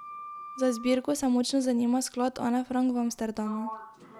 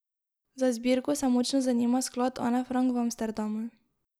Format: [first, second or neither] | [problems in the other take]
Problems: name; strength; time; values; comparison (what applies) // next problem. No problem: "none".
second | background sound (Sliding door); 17 dB below the speech